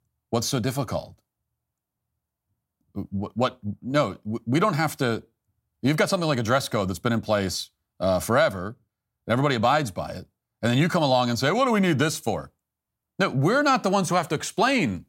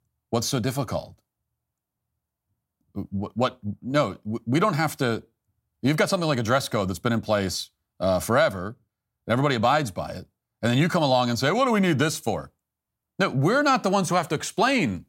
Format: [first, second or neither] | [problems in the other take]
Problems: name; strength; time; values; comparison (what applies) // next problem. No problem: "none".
neither | none